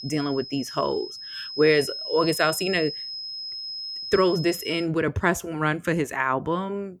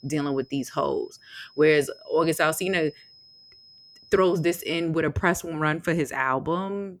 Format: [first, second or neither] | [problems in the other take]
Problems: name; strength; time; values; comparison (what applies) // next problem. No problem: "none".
second | high-pitched whine; loud; until 5 s; 5 kHz, 8 dB below the speech; faint in the second